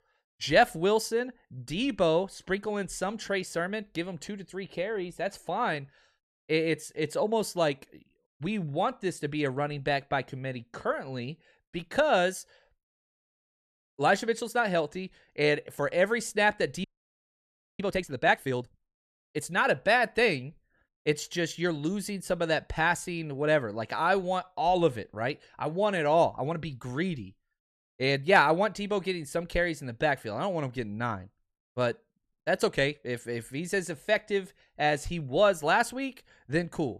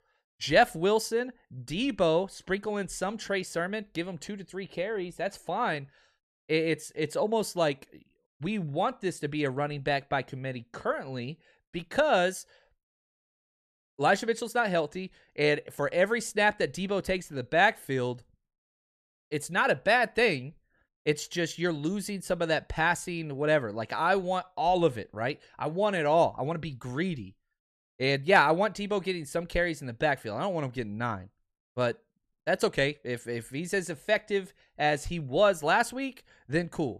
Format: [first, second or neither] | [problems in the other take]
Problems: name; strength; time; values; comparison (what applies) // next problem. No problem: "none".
second | audio freezing; at 17 s for 1 s